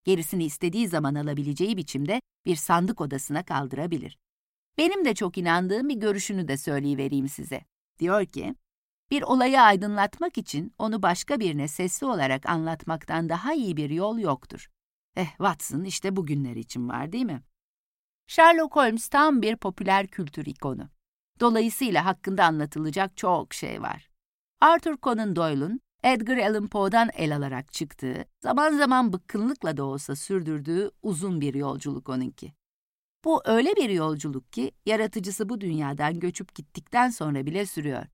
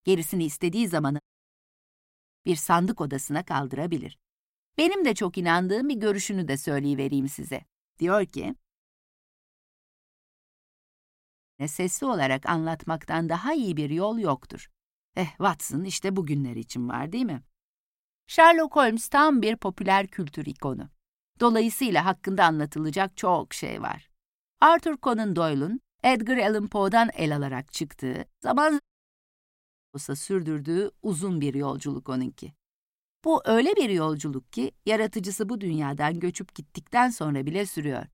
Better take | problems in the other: first | audio cutting out; at 1 s for 1 s, at 9 s for 3 s and at 29 s for 1 s

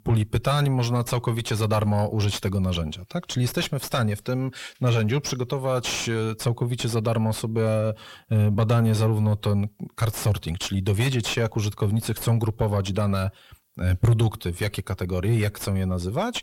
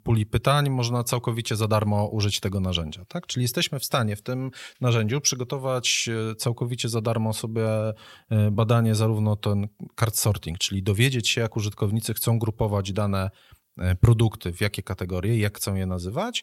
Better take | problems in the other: second | distortion; slight; 9 dB below the speech

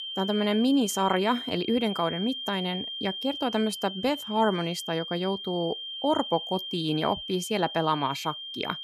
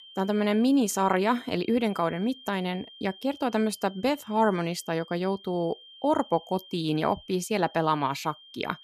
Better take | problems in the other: second | high-pitched whine; loud; throughout; 3 kHz, 7 dB below the speech; faint in the second

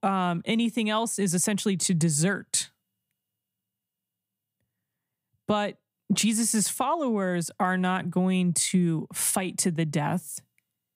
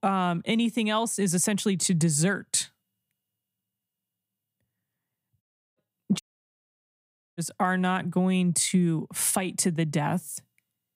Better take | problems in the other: first | audio cutting out; at 5.5 s and at 6 s for 1 s

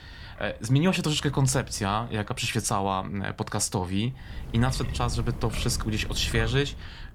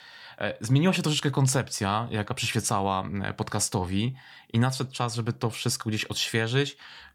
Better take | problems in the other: second | wind noise on the microphone; occasional gusts; 15 dB below the speech

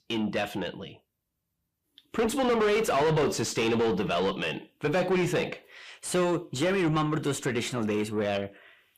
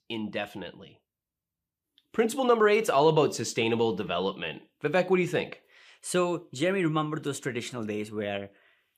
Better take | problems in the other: second | distortion; heavy; 6 dB below the speech

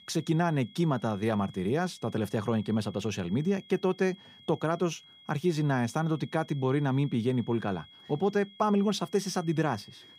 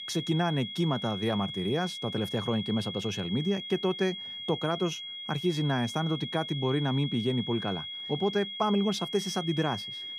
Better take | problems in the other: first | high-pitched whine; loud; throughout; 3.5 kHz, 6 dB below the speech; faint in the first

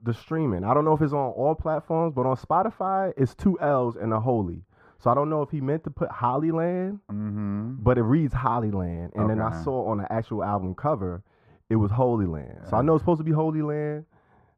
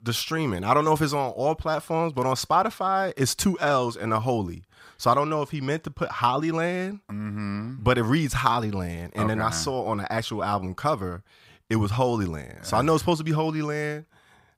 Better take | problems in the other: second | muffled; very; fading above 2 kHz

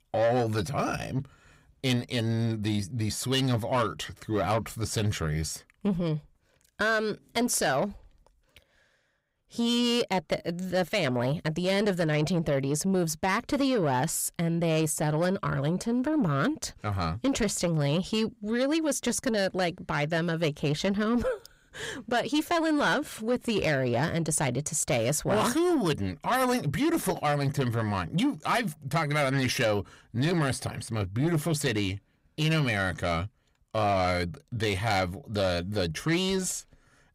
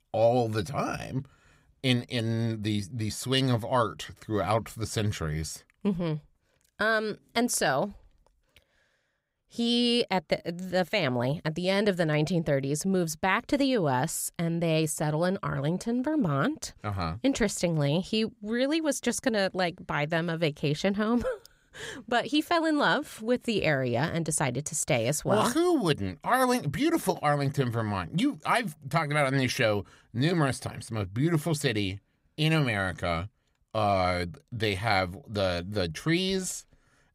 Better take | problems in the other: second | distortion; slight; 10 dB below the speech

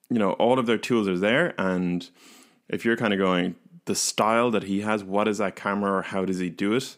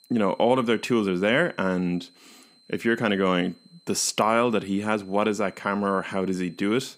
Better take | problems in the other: first | high-pitched whine; faint; throughout; 4 kHz, 30 dB below the speech

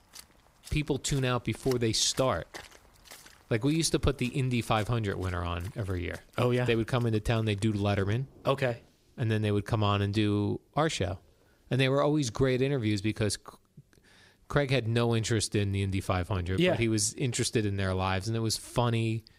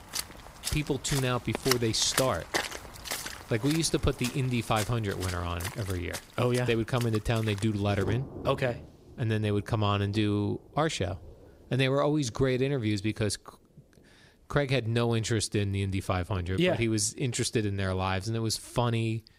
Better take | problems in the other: first | rain or running water; loud; throughout; 8 dB below the speech; faint in the first

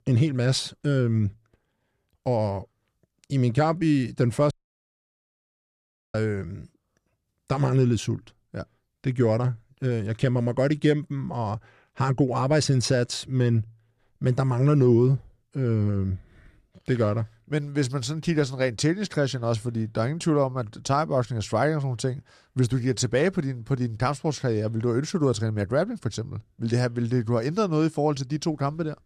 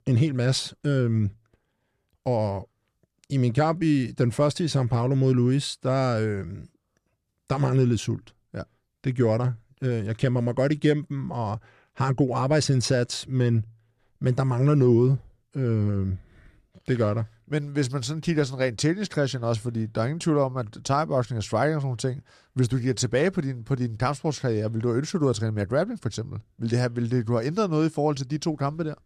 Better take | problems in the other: second | audio cutting out; at 4.5 s for 1.5 s

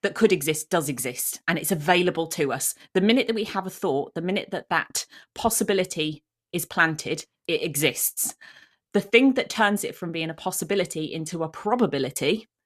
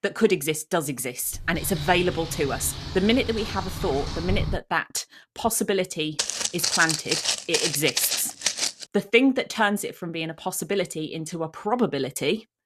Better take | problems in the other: first | keyboard typing; noticeable; from 1.5 to 4.5 s; peak 4 dB below the speech // footsteps; loud; from 6 to 9 s; peak 3 dB above the speech

